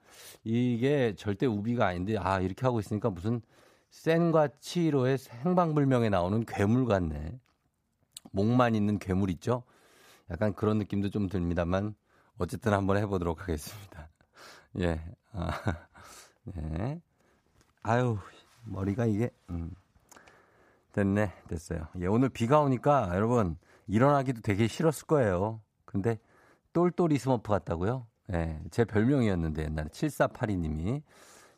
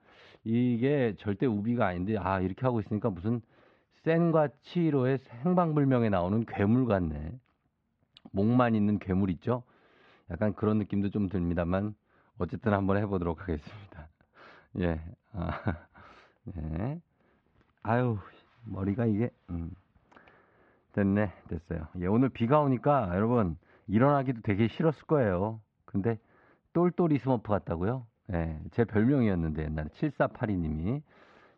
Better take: first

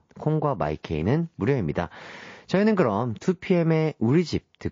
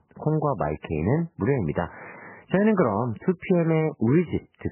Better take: first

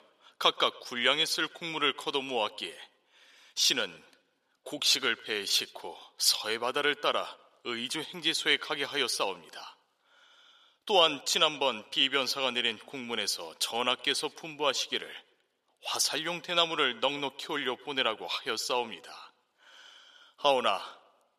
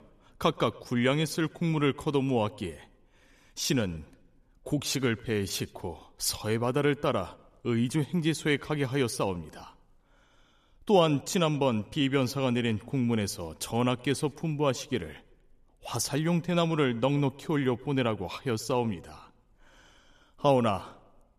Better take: second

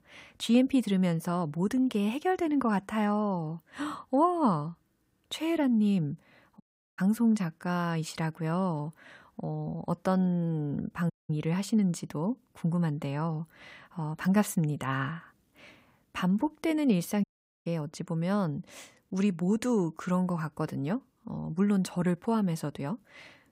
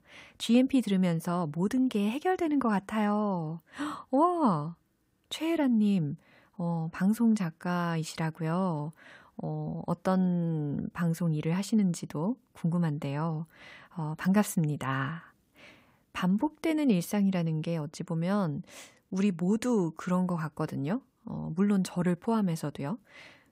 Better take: second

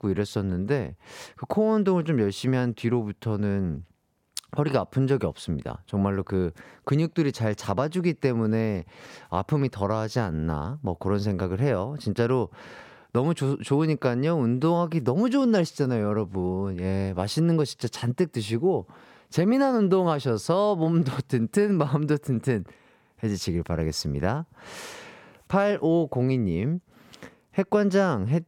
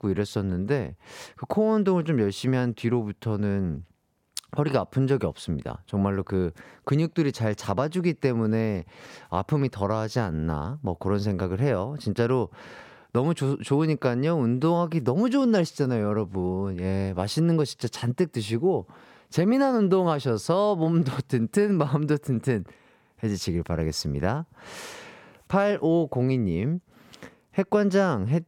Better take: neither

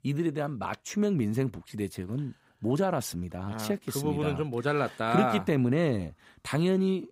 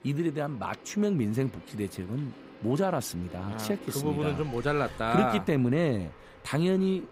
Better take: first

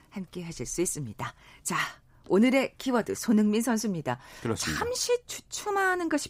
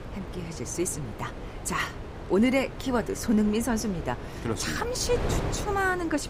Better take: first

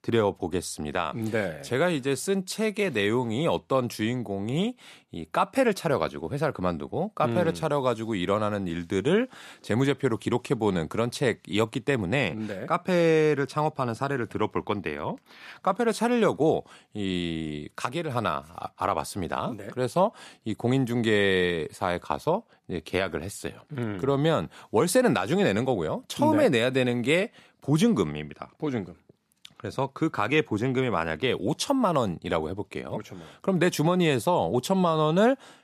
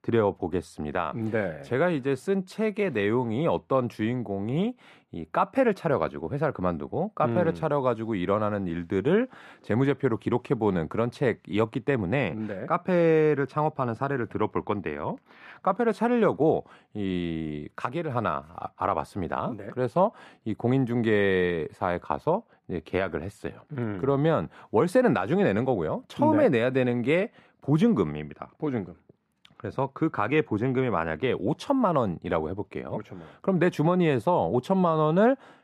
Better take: first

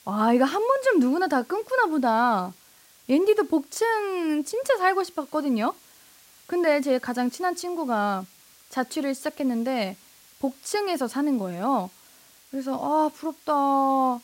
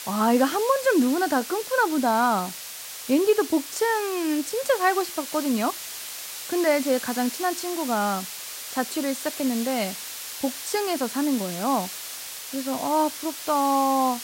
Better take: first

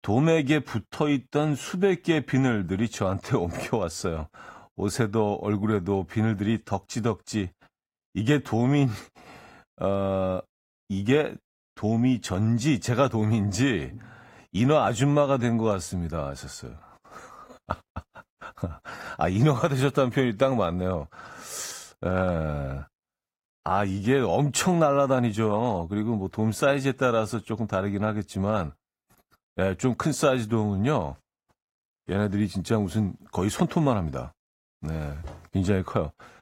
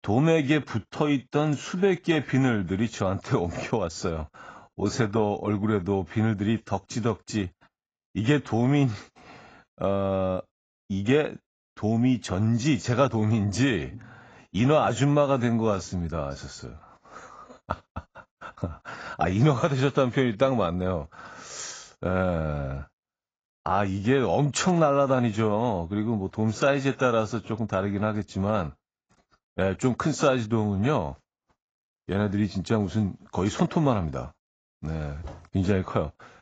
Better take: first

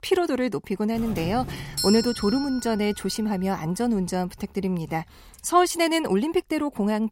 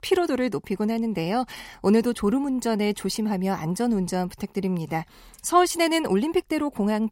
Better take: second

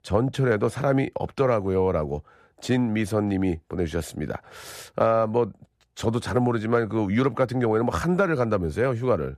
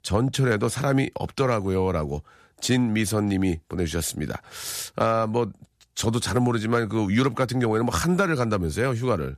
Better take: second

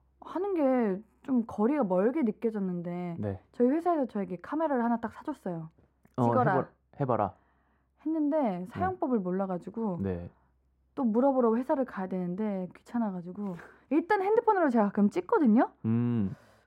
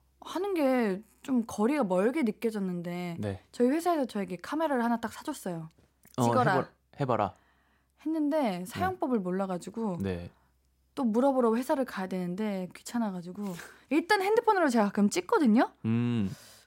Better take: second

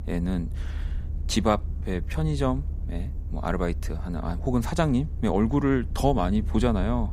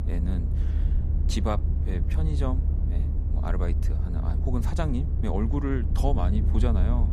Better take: first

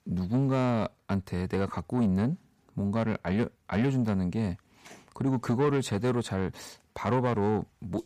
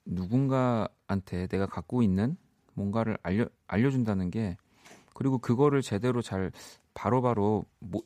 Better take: second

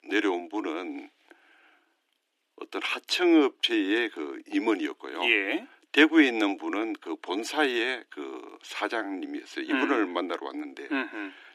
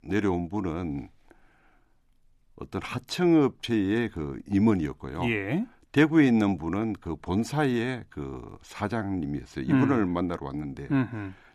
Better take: second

